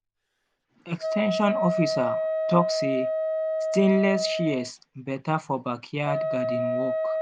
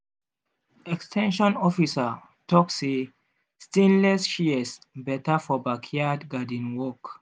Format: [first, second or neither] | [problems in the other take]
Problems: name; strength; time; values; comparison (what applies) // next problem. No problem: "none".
second | background sound (Wind instrument, woodwind instrument); 1 dB below the speech